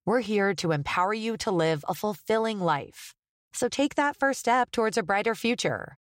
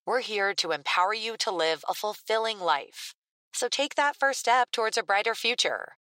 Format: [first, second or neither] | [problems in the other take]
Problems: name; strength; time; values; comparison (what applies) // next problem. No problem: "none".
first | thin; very; fading below 600 Hz